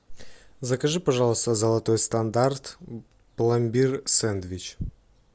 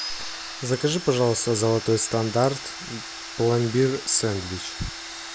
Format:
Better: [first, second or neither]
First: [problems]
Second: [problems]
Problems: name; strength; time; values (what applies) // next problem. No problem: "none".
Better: first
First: none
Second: background sound (Domestic sounds, home sounds); 11 dB below the speech